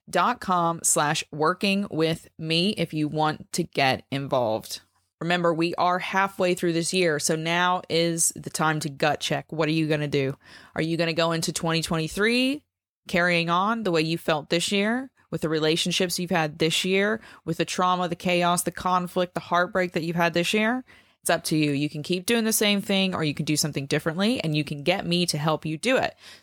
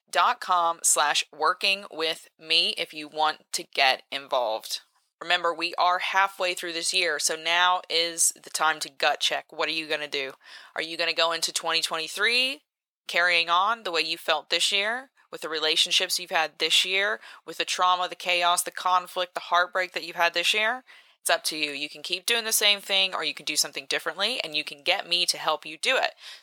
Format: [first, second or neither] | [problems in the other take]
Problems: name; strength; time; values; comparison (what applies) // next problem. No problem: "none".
first | thin; very; fading below 750 Hz